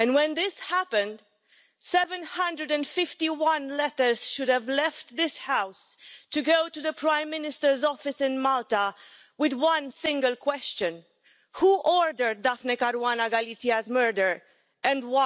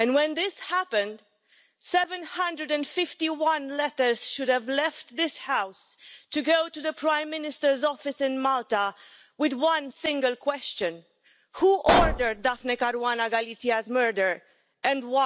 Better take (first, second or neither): first